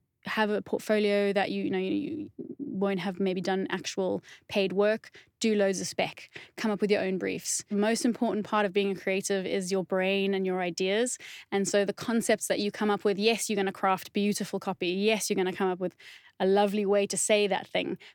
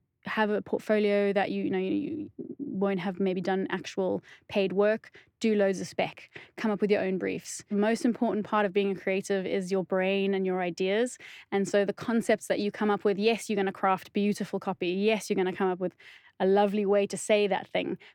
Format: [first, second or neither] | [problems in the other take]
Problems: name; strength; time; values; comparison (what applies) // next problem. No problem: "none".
first | muffled; slightly; fading above 3.5 kHz